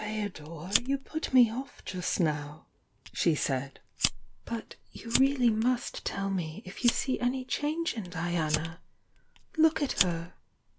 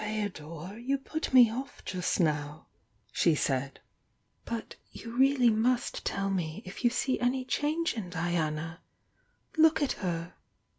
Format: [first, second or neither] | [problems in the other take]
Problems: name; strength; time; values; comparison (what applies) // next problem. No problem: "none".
second | background sound (Fire); 8 dB below the speech